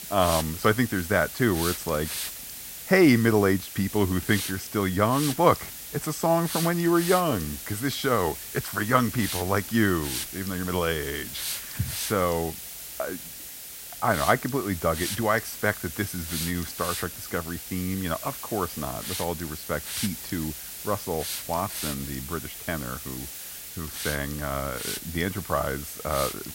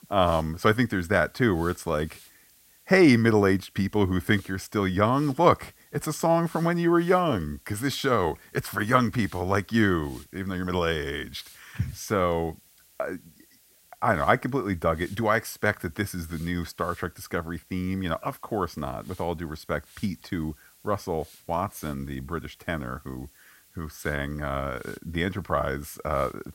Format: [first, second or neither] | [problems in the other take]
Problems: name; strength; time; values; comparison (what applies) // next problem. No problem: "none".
second | hiss; loud; throughout; 7 dB below the speech; faint in the second